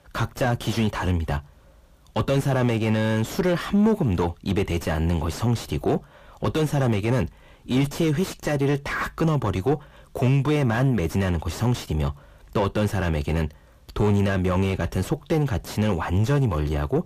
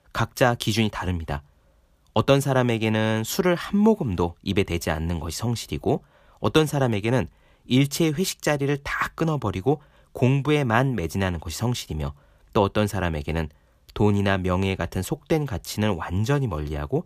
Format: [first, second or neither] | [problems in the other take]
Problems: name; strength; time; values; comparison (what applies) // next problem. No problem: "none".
second | distortion; heavy; 6 dB below the speech